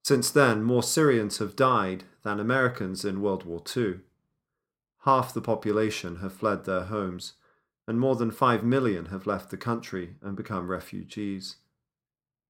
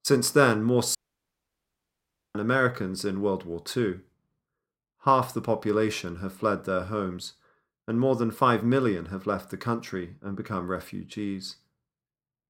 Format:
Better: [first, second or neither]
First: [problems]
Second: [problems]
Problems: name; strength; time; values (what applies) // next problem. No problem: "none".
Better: first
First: none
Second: audio cutting out; at 1 s for 1.5 s